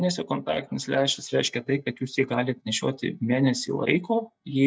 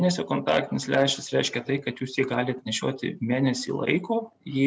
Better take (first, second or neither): second